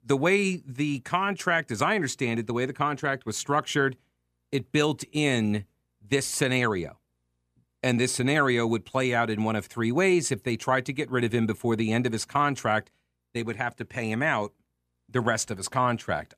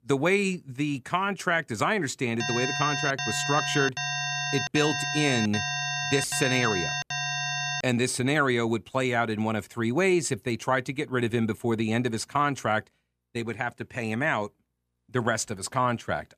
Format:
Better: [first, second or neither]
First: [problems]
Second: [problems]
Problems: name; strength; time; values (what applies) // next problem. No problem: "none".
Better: first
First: none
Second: alarm; noticeable; from 2.5 to 8 s; peak 1 dB below the speech